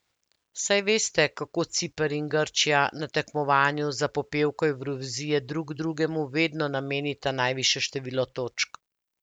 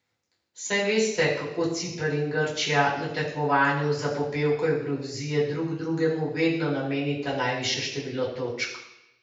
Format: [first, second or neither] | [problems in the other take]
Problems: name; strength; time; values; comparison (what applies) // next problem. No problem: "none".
first | room echo; dies away in 0.8 s